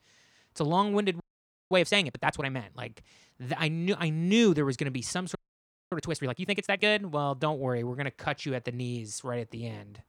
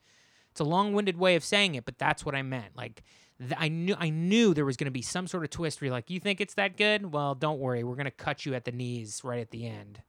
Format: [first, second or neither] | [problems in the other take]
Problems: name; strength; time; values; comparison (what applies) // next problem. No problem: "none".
second | audio freezing; at 1 s for 0.5 s and at 5.5 s for 0.5 s